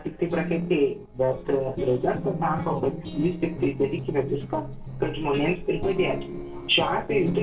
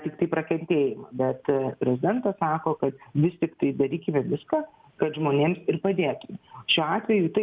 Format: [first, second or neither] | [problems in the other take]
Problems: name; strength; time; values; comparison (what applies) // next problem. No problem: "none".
second | noise reduction (neural separator model SepFormer DNS4)